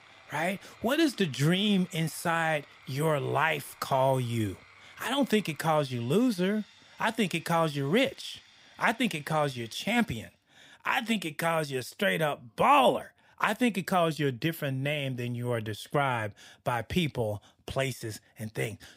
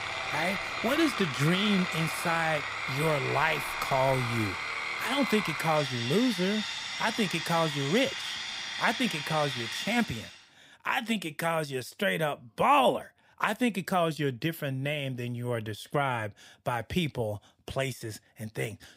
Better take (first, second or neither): first